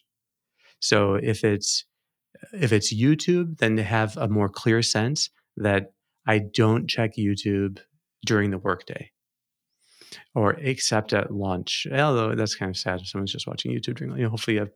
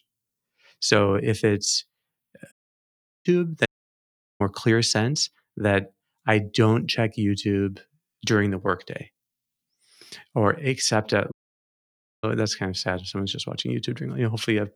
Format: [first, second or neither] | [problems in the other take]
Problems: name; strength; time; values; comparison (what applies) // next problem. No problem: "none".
first | audio cutting out; at 2.5 s for 0.5 s, at 3.5 s for 0.5 s and at 11 s for 1 s